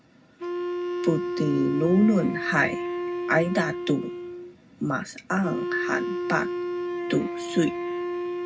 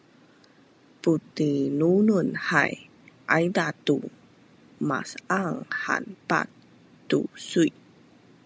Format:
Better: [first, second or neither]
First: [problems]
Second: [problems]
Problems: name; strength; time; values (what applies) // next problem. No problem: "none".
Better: second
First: background sound (Wind instrument, woodwind instrument); 4 dB below the speech // room echo; dies away in 0.4 s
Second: none